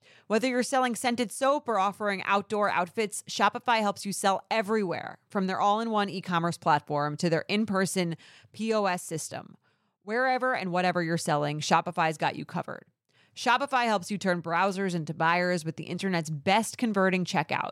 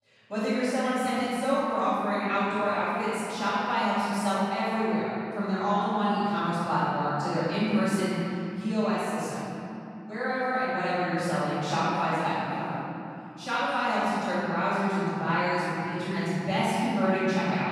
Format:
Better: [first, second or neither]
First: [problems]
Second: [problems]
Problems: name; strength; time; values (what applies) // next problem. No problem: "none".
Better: first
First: none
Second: off-mic speech; far // room echo; strong; dies away in 3 s